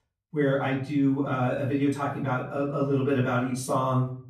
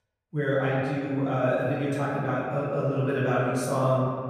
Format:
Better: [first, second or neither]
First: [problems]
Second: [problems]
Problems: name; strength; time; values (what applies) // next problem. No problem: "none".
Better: first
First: room echo; slight; dies away in 0.5 s // off-mic speech; far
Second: room echo; strong; dies away in 2.1 s // off-mic speech; far